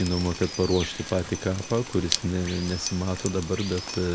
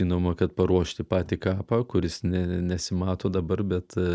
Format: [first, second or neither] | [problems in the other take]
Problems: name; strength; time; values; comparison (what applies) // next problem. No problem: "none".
second | background sound (Water + Drip); 9 dB below the speech